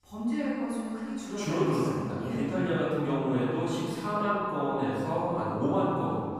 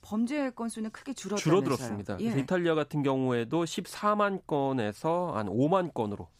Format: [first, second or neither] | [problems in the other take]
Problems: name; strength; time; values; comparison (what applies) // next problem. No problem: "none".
second | room echo; strong; dies away in 2.1 s // off-mic speech; far